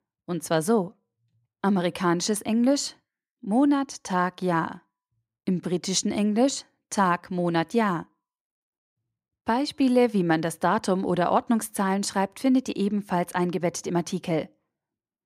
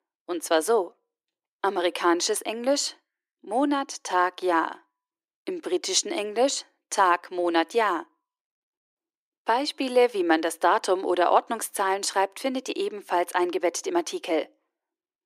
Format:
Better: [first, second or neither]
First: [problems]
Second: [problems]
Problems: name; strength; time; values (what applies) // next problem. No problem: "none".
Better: first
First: none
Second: thin; somewhat; fading below 350 Hz